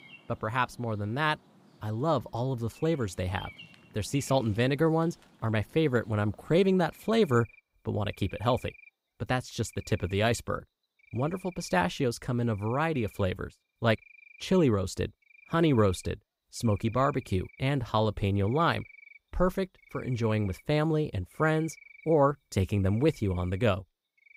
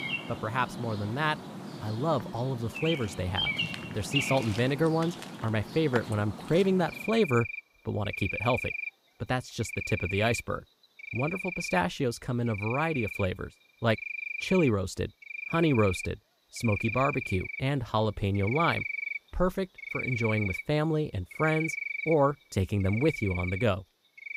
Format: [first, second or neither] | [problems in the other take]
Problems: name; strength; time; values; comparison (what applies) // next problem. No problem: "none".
first | animal sounds; loud; throughout; 6 dB below the speech; faint in the first